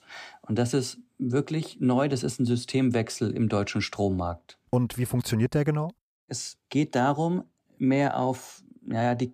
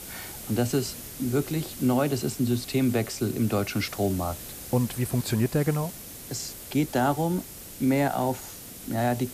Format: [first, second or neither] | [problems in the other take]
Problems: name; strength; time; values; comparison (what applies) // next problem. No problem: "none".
first | hiss; noticeable; throughout; 10 dB below the speech